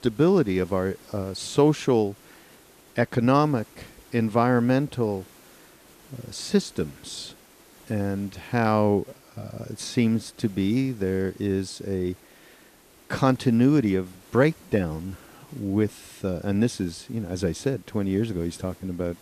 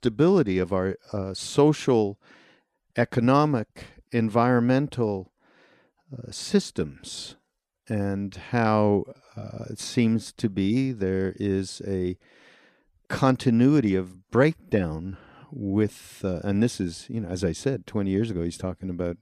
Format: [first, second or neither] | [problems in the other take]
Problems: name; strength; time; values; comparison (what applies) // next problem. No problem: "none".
second | hiss; faint; throughout; 25 dB below the speech